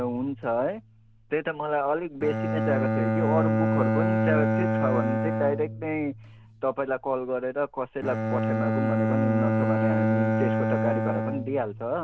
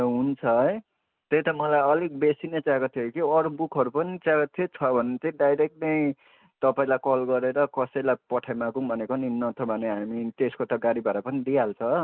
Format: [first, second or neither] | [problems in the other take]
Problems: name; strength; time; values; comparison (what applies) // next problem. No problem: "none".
second | background sound (Bowed string instrument); 3 dB above the speech